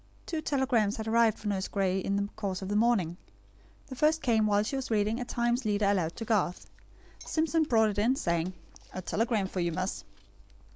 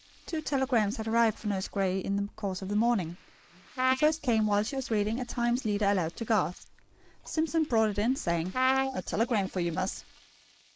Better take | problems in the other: first | noise reduction (neural mask model Resemble Enhance denoiser)

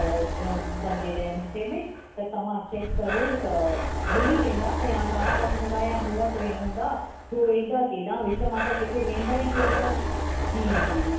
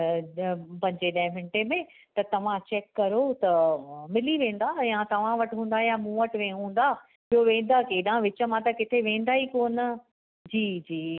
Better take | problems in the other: second | background sound (Breathing); as loud as the speech // room echo; dies away in 2.2 s

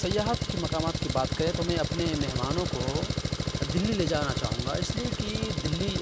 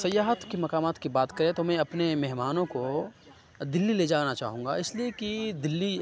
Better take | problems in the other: second | background sound (Engine); 1 dB above the speech

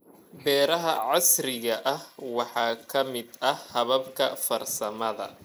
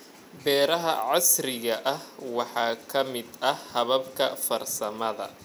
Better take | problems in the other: second | noise reduction (neural mask model Resemble Enhance denoiser)

